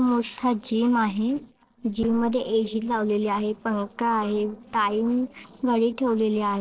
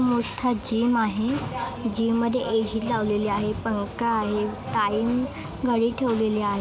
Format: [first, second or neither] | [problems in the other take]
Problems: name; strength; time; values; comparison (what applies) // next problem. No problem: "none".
second | noise reduction (neural separator model SepFormer DNS4)